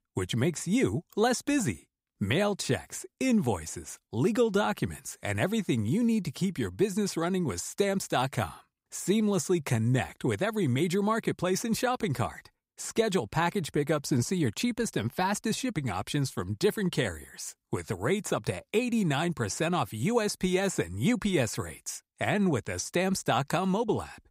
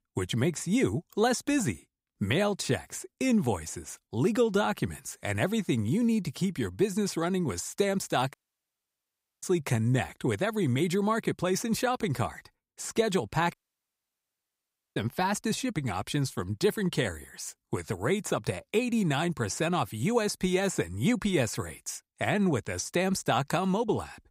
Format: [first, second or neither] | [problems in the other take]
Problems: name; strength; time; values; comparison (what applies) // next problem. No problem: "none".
first | audio cutting out; at 8.5 s for 1 s and at 14 s for 1.5 s